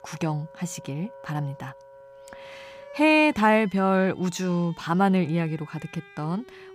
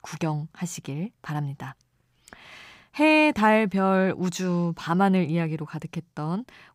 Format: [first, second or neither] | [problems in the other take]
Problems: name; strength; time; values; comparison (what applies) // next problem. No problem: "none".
second | background music; faint; throughout; 25 dB below the speech